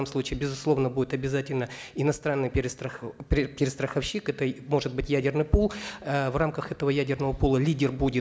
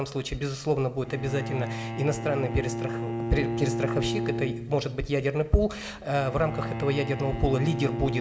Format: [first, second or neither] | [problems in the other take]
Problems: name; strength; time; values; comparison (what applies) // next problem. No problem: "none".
first | background sound (Bowed string instrument); 5 dB below the speech // room echo; dies away in 2.5 s